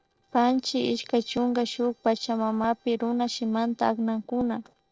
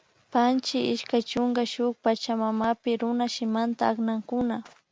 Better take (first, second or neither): second